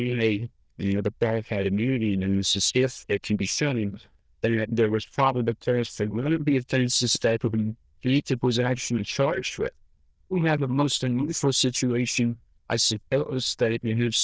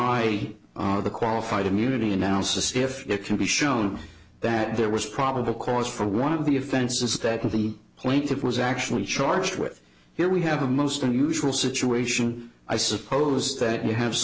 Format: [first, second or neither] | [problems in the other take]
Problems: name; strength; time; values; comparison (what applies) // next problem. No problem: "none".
second | noise reduction (neural diffusion model UNIVERSE++)